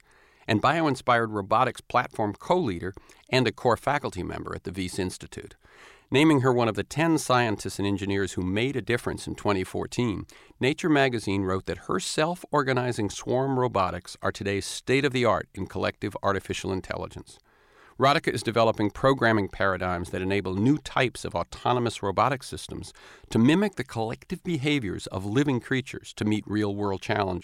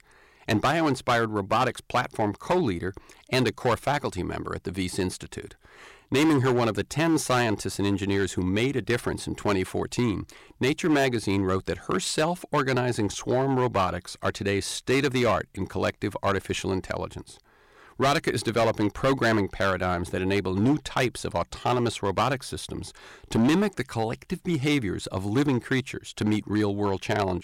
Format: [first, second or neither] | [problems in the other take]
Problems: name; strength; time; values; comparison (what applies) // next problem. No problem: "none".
first | distortion; slight; 6% of the sound clipped